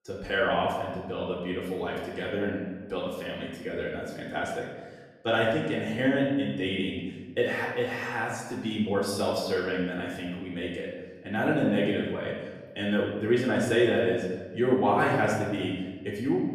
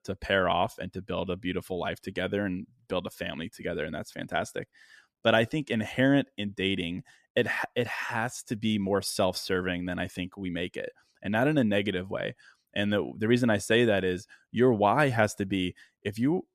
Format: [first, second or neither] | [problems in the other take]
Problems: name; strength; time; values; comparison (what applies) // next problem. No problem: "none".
second | room echo; noticeable; dies away in 1.2 s // off-mic speech; far